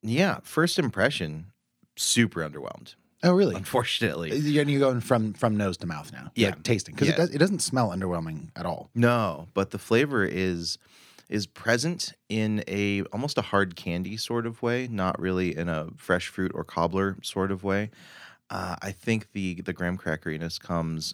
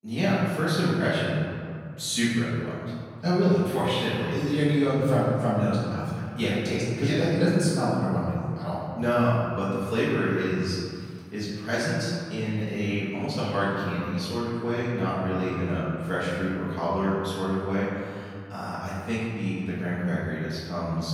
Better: first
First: none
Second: off-mic speech; far // room echo; strong; dies away in 2.4 s

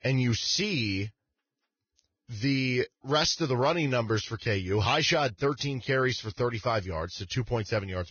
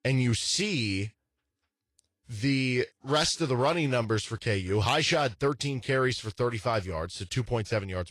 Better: second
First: garbled, watery; badly; nothing above 6.5 kHz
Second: garbled, watery; slightly

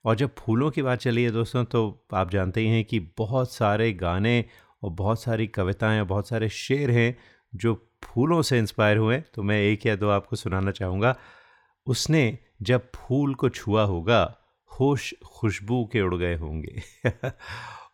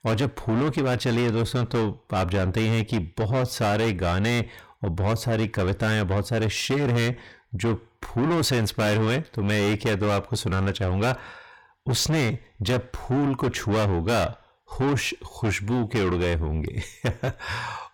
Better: first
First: none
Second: distortion; heavy; 6 dB below the speech

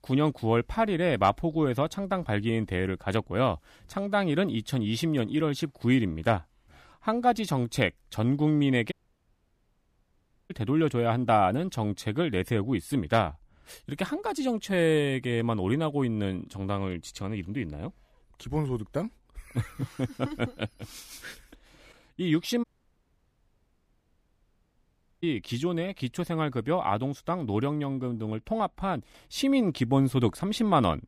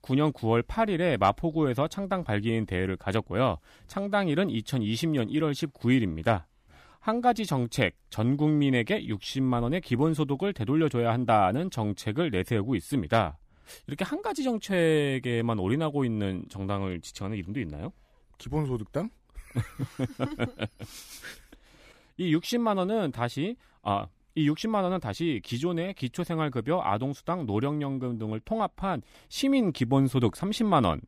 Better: second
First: audio cutting out; at 9 s for 1.5 s and at 23 s for 2.5 s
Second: none

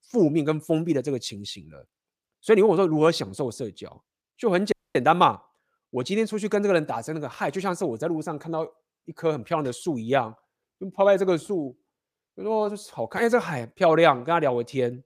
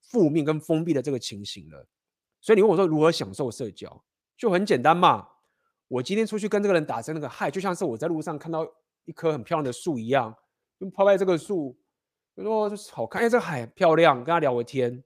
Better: second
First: audio freezing; at 4.5 s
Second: none

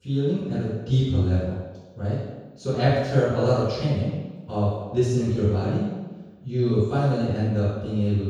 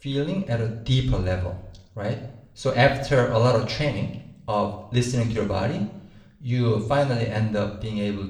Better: second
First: room echo; strong; dies away in 1.1 s // off-mic speech; far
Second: room echo; slight; dies away in 0.6 s // off-mic speech; somewhat distant

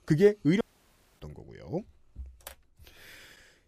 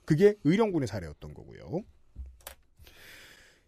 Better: second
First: audio cutting out; at 0.5 s for 0.5 s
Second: none

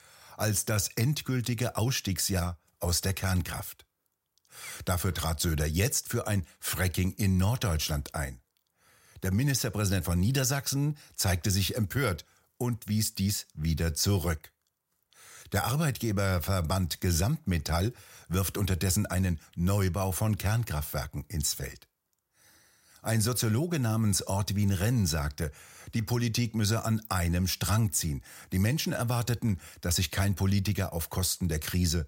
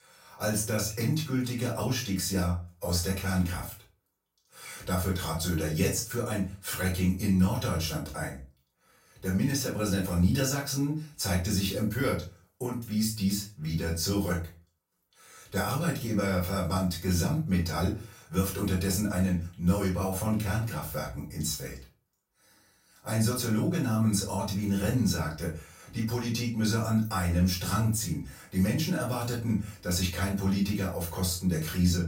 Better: first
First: none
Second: off-mic speech; far // room echo; slight; dies away in 0.3 s

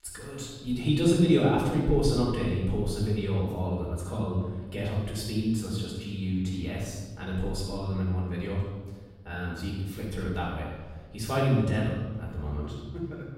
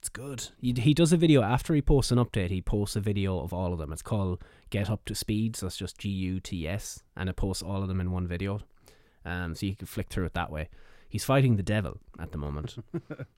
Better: second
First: off-mic speech; far // room echo; strong; dies away in 1.2 s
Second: none

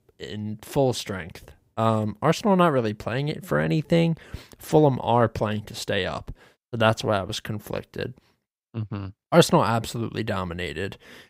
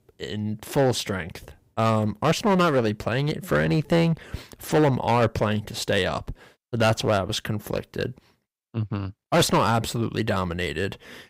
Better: first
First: none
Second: distortion; heavy; 7% of the sound clipped

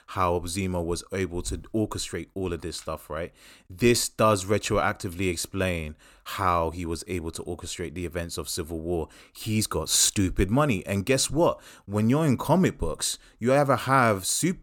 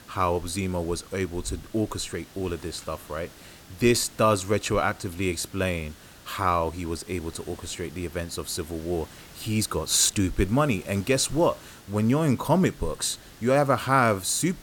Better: first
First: none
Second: hiss; faint; throughout; 20 dB below the speech

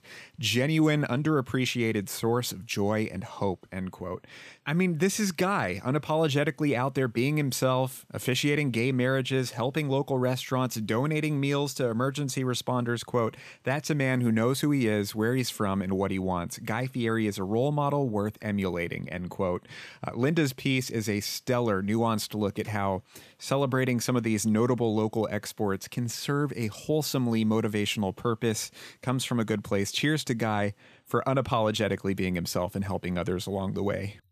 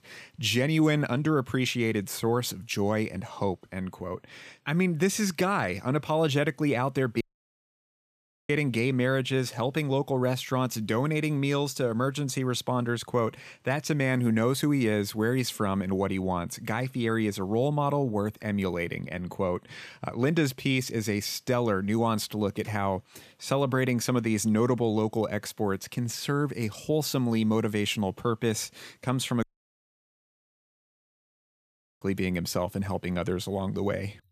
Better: first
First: none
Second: audio cutting out; at 7 s for 1.5 s and at 29 s for 2.5 s

